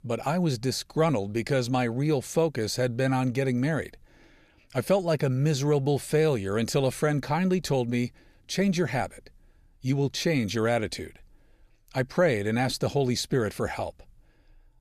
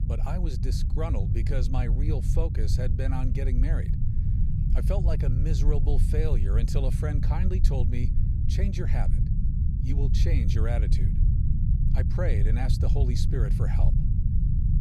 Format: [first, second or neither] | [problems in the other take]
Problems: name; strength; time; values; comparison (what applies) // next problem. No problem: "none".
first | low rumble; loud; throughout; 3 dB below the speech